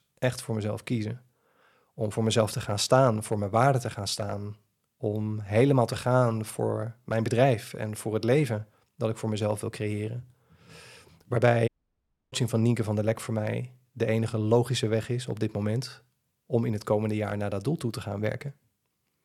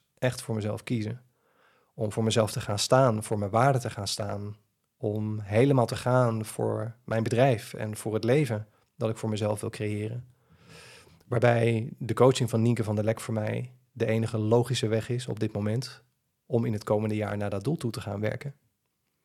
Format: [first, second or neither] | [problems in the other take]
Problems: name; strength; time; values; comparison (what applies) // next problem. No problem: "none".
second | audio cutting out; at 12 s for 0.5 s